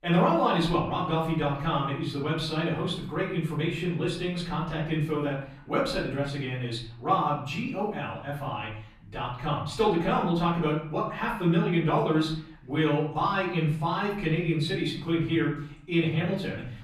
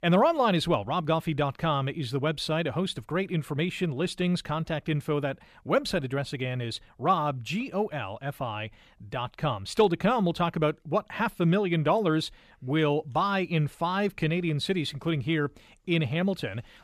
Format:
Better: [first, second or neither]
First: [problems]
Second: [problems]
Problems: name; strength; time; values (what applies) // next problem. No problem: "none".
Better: second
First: off-mic speech; far // room echo; noticeable; dies away in 0.6 s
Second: none